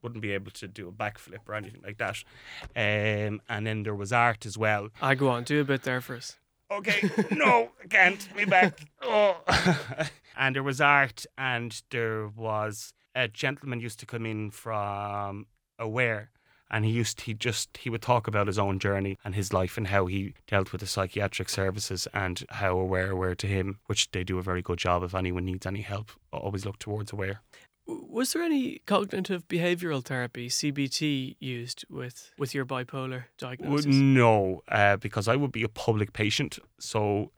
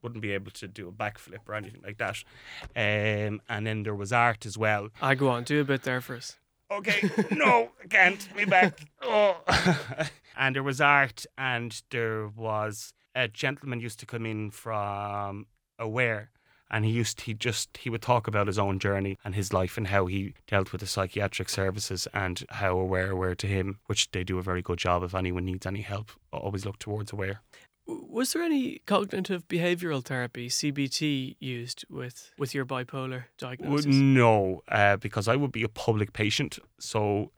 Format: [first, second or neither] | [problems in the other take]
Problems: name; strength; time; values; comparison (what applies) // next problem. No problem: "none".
neither | none